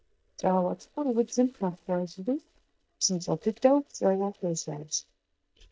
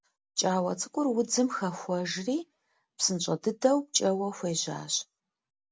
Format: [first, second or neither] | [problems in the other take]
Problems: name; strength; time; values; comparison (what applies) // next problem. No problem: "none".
second | noise reduction (neural mask model DeepFilterNet 3)